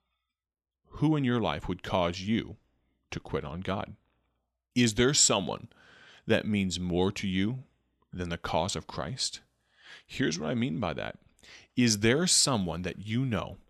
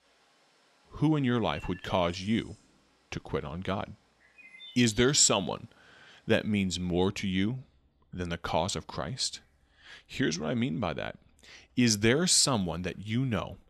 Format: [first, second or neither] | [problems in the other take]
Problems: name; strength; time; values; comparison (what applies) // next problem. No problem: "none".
first | animal sounds; faint; throughout; 25 dB below the speech